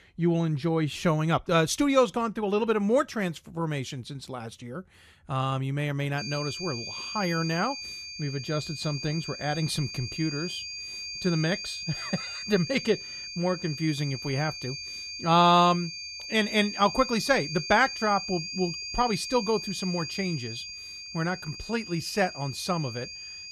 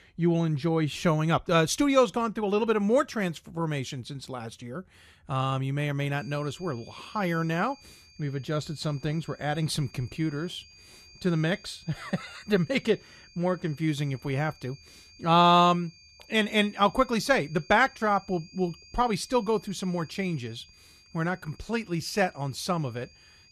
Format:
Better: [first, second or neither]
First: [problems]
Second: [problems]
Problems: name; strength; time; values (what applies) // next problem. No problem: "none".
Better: second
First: high-pitched whine; loud; from 6 s on; 4.5 kHz, 8 dB below the speech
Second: high-pitched whine; faint; from 6 s on; 4.5 kHz, 25 dB below the speech